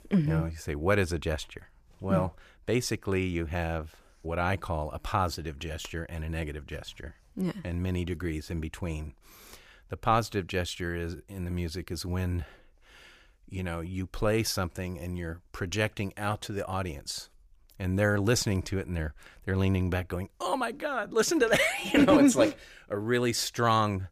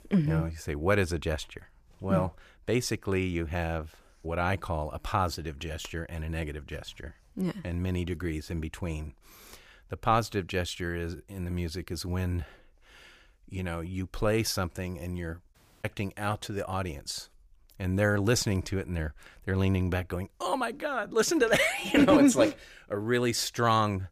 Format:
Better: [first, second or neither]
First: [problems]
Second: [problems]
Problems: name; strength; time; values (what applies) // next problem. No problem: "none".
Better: first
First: none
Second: audio cutting out; at 16 s